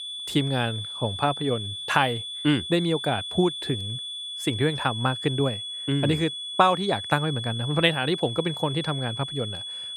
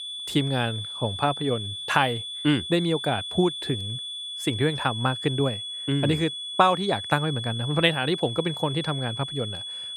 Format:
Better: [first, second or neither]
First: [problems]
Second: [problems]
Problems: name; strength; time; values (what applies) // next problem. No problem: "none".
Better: neither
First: high-pitched whine; loud; throughout; 3.5 kHz, 6 dB below the speech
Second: high-pitched whine; loud; throughout; 3.5 kHz, 6 dB below the speech